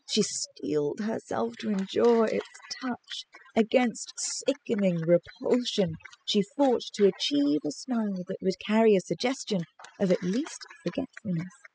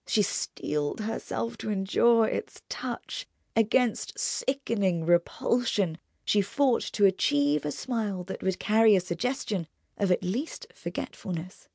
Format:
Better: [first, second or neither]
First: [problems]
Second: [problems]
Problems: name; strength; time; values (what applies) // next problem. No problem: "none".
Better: second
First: noise reduction (classical method spectral subtraction)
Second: none